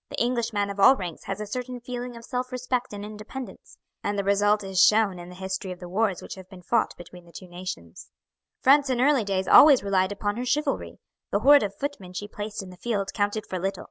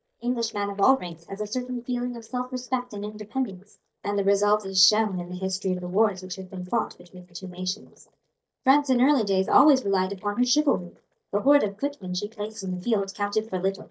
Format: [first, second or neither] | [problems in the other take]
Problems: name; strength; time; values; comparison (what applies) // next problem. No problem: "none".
first | noise reduction (neural mask model DeepFilterNet 3)